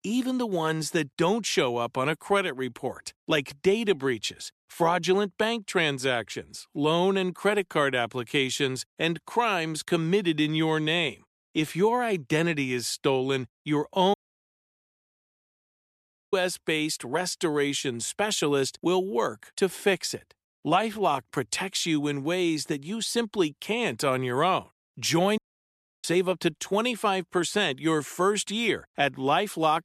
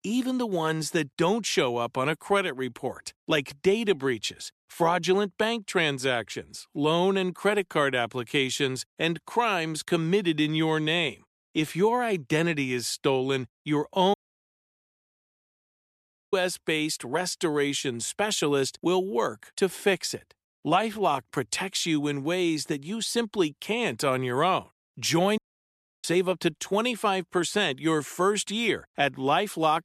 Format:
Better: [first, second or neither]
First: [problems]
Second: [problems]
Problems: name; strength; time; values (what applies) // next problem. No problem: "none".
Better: neither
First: audio cutting out; at 14 s for 2 s and at 25 s for 0.5 s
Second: audio cutting out; at 14 s for 2 s and at 25 s for 0.5 s